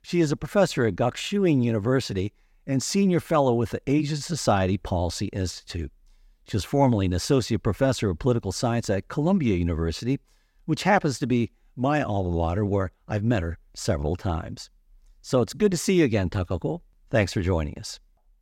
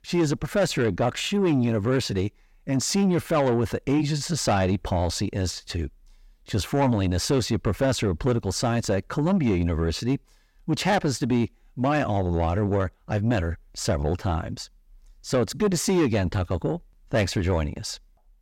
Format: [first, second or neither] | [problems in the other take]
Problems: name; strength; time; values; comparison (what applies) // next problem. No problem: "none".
first | distortion; slight; 10 dB below the speech